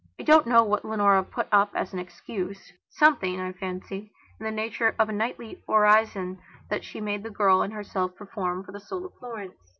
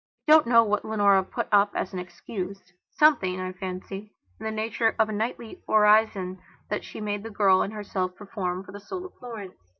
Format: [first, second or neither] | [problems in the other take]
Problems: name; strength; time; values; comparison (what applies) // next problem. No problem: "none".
first | noise reduction (neural mask model DeepFilterNet 3)